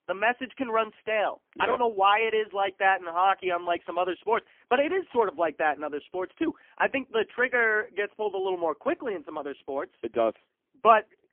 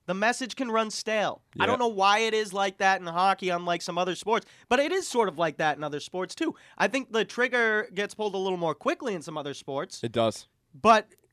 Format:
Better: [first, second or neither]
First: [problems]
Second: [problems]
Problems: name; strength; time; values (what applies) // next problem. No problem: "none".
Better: second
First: phone-call audio; poor line; nothing above 3 kHz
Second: none